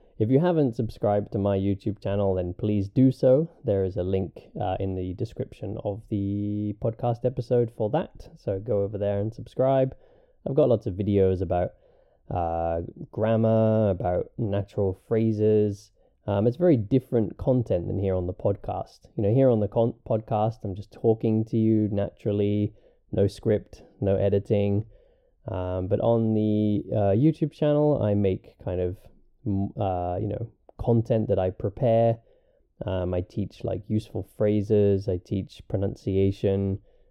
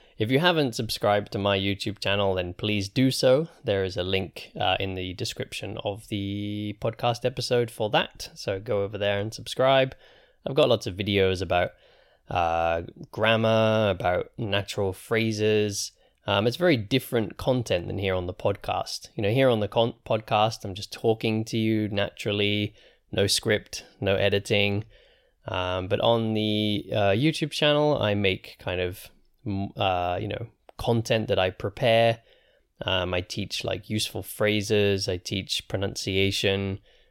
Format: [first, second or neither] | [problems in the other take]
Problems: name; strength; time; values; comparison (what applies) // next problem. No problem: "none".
second | muffled; very; fading above 1 kHz